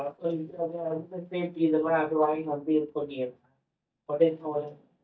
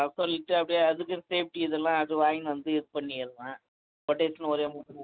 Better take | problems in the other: second | noise reduction (neural mask model DeepFilterNet 3)

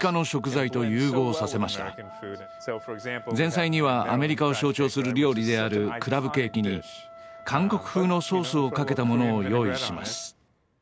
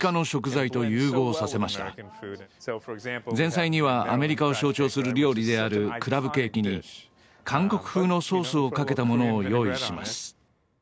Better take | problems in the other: second | background sound (Wind instrument, woodwind instrument); 19 dB below the speech

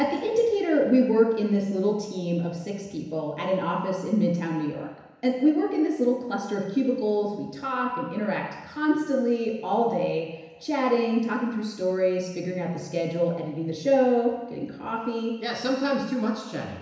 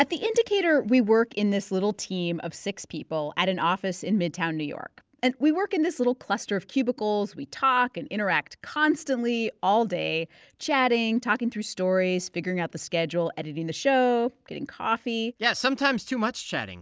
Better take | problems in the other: second | room echo; dies away in 1 s

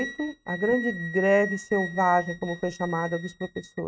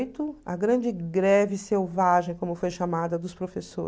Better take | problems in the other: second | noise reduction (neural mask model RNNoise)

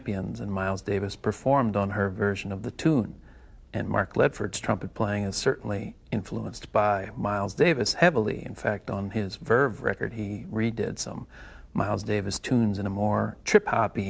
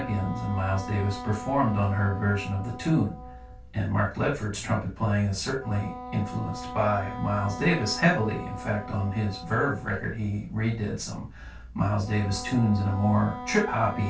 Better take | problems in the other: first | background sound (Wind instrument, woodwind instrument); 13 dB below the speech // room echo; dies away in 0.2 s

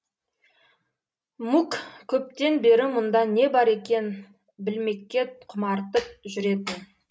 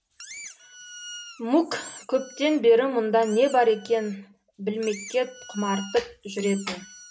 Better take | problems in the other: first | background sound (Squeak); 18 dB below the speech

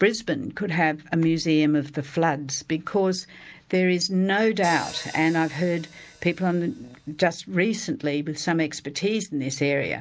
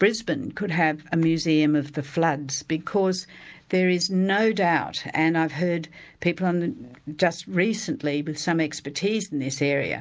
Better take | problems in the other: second | background sound (Hi-hat); 19 dB below the speech

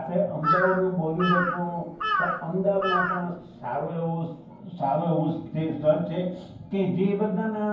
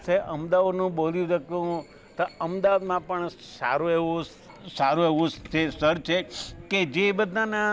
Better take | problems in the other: second | background sound (Bird vocalization, bird call, bird song / Crow); 2 dB below the speech // room echo; dies away in 0.9 s

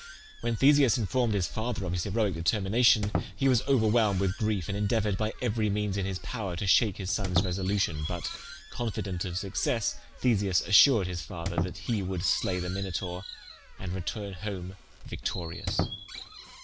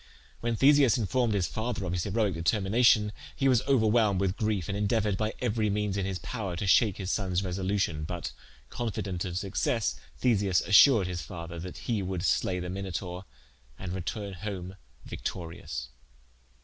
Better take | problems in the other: second | background sound (Squeak + Chirp, tweet); 11 dB below the speech

